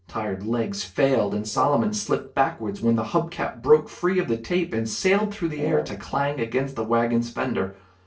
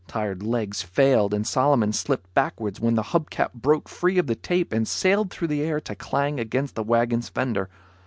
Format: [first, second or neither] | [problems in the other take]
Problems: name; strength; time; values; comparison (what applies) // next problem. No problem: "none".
second | noise reduction (neural separator model SepFormer DNS4)